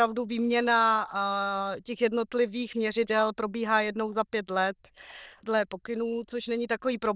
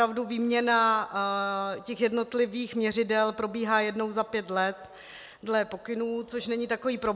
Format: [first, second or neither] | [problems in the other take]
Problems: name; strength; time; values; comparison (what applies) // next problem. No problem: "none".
second | noise reduction (neural diffusion model UNIVERSE++)